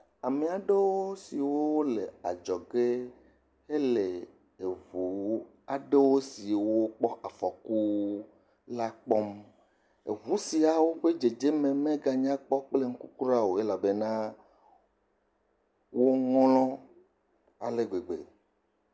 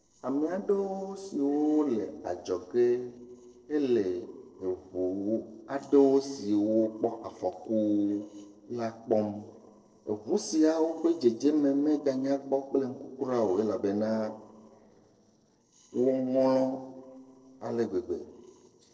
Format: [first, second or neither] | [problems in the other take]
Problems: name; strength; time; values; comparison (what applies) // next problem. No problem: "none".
first | noise reduction (neural separator model SepFormer DNS4)